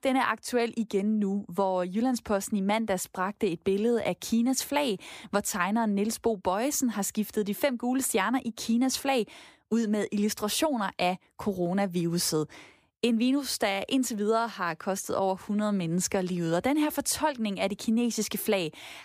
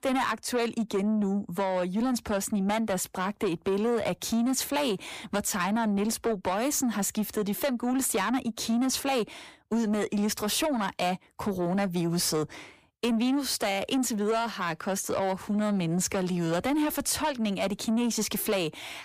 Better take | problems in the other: first | distortion; slight; 10 dB below the speech

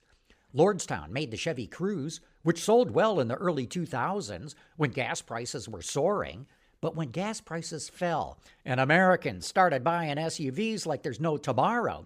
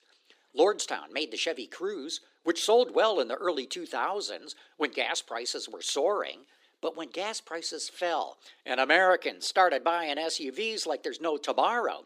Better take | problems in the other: first | thin; somewhat; fading below 300 Hz

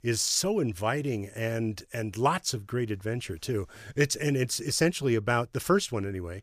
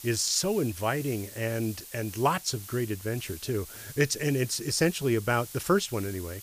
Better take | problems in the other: first | hiss; noticeable; throughout; 15 dB below the speech

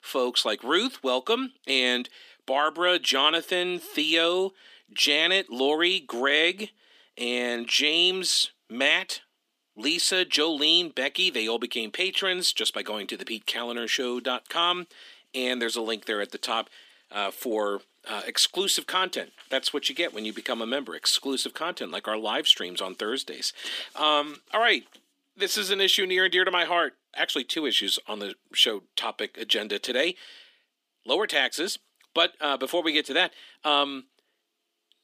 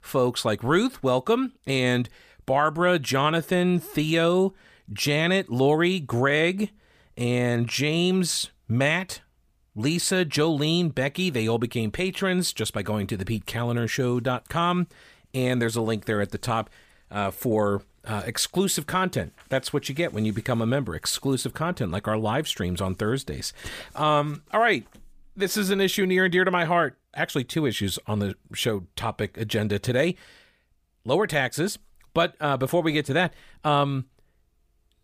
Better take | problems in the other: second | thin; somewhat; fading below 250 Hz

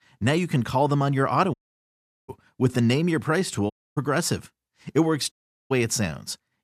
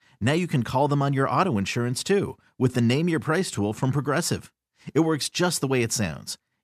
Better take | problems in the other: second | audio cutting out; at 1.5 s for 0.5 s, at 3.5 s and at 5.5 s

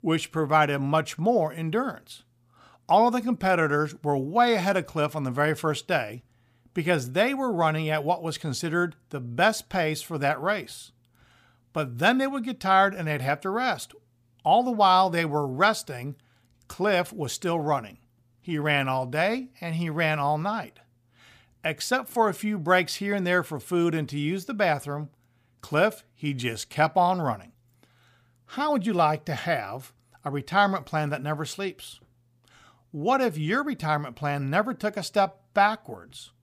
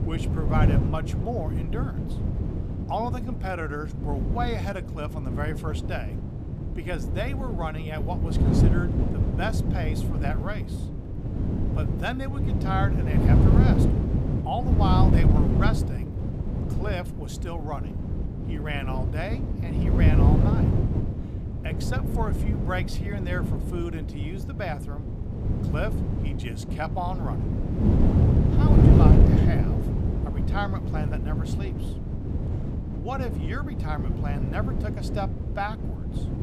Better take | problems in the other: first | wind noise on the microphone; heavy; 1 dB below the speech

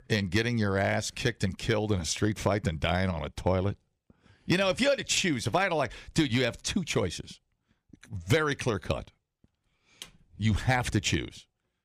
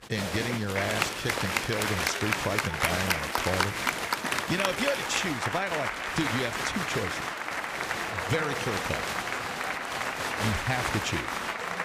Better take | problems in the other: first | crowd noise; very loud; throughout; 2 dB above the speech

